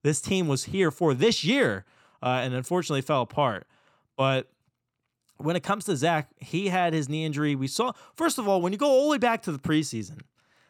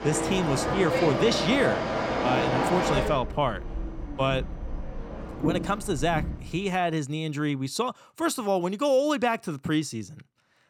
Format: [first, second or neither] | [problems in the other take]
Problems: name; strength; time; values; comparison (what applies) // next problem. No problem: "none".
first | train or aircraft noise; loud; until 6.5 s; 2 dB below the speech